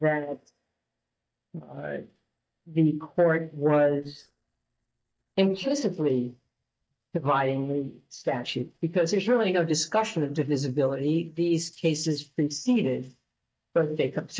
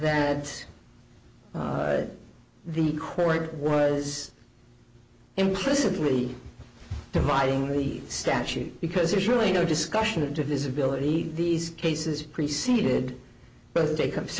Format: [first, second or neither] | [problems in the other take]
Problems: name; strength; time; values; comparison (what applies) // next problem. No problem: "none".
second | noise reduction (neural mask model DeepFilterNet 3)